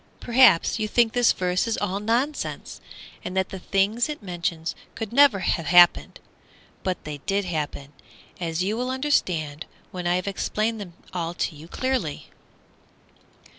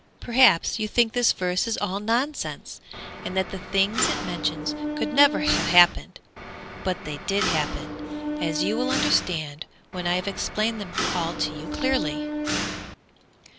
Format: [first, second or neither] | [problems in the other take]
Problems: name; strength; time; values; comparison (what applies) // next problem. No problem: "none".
first | background sound (Mechanisms); 3 dB below the speech